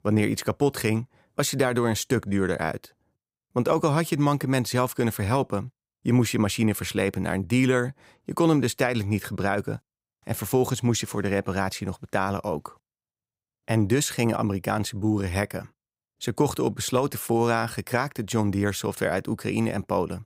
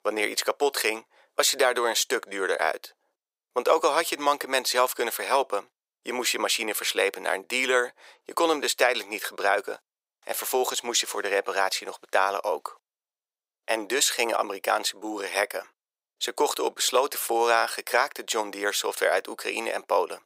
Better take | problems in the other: first | thin; very; fading below 450 Hz

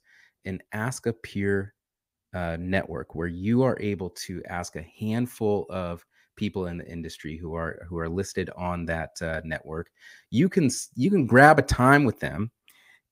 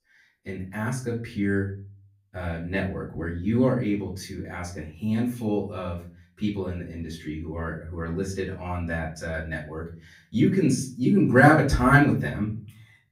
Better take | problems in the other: first | off-mic speech; far // room echo; slight; dies away in 0.4 s

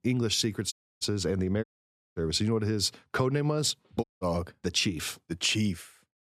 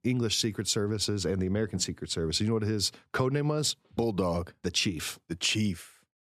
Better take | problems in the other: second | audio cutting out; at 0.5 s, at 1.5 s for 0.5 s and at 4 s

